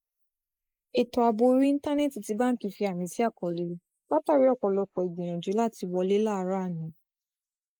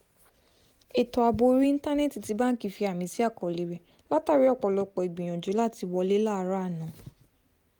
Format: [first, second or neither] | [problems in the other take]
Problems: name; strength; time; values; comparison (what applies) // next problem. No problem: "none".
second | noise reduction (neural mask model Resemble Enhance denoiser)